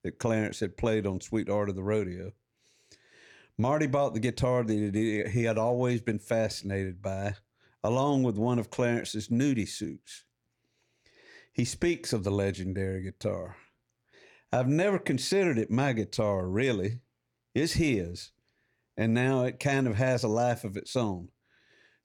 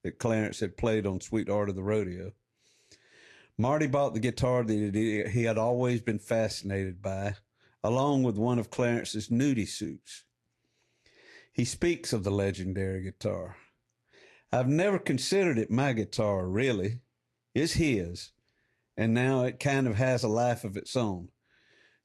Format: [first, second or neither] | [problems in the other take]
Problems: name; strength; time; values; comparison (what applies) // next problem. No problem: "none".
first | garbled, watery; slightly